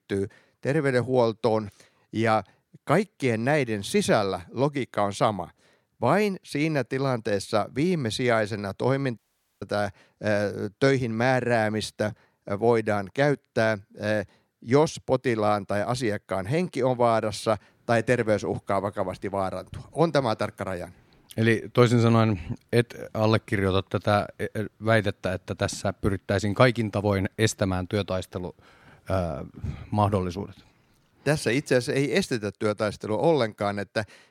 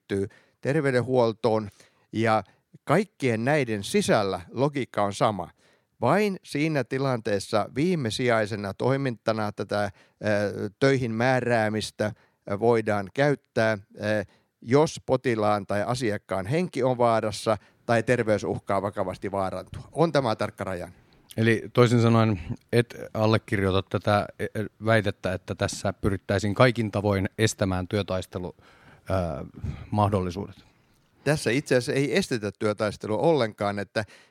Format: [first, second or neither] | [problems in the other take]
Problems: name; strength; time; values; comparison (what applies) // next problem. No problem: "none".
second | audio cutting out; at 9 s